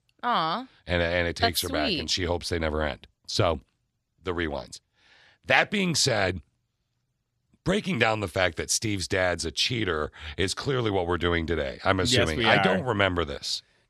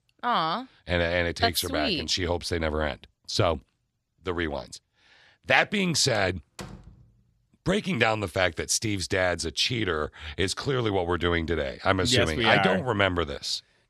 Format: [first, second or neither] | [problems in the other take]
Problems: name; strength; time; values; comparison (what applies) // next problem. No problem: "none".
first | door banging; faint; at 6 s; peak 15 dB below the speech